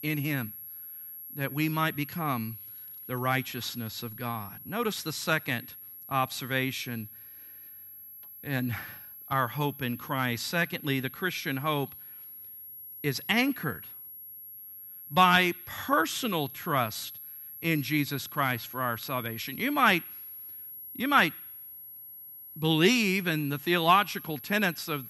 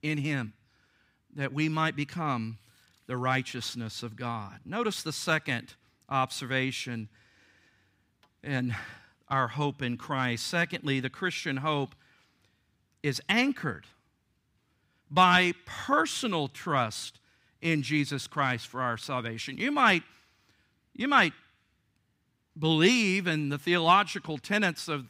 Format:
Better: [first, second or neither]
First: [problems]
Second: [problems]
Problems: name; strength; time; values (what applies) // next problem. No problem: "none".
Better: second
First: high-pitched whine; noticeable; throughout; 11.5 kHz, 15 dB below the speech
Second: none